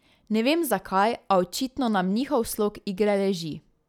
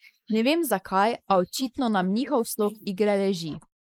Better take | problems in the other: first | noise reduction (neural mask model Resemble Enhance denoiser)

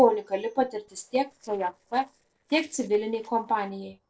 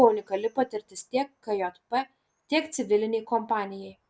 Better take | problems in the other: second | noise reduction (neural separator model SepFormer DNS4)

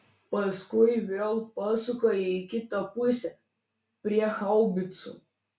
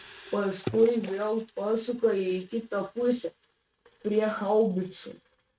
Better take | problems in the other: first | noise reduction (neural mask model RNNoise)

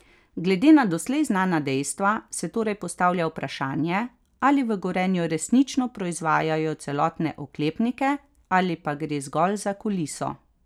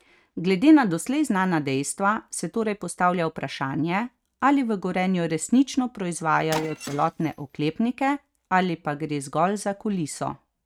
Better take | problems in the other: first | noise reduction (neural mask model RNNoise)

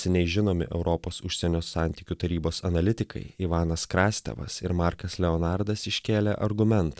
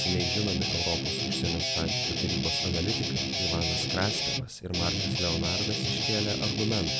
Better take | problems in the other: first | background sound (Guitar); 3 dB above the speech

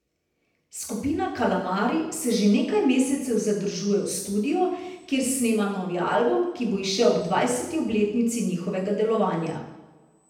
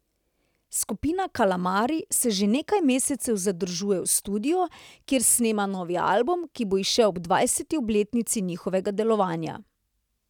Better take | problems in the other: second | room echo; dies away in 0.9 s

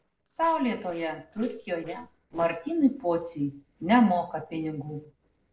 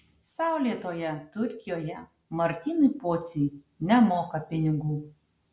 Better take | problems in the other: second | noise reduction (neural separator model SepFormer DNS4)

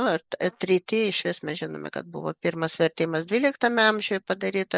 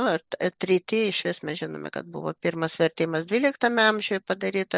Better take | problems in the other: second | noise reduction (neural mask model Resemble Enhance denoiser)

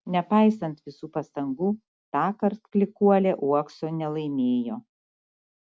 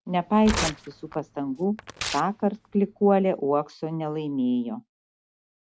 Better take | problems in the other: first | background sound (Tearing); 10 dB below the speech

